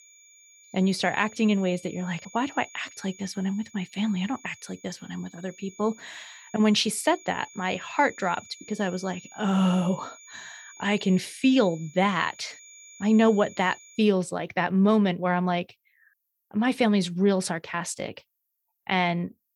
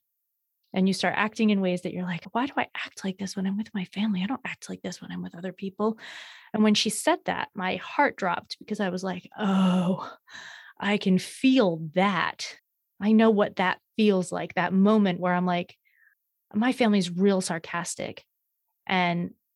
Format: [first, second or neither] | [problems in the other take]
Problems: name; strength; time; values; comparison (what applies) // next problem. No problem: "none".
second | high-pitched whine; faint; until 14 s; 6.5 kHz, 20 dB below the speech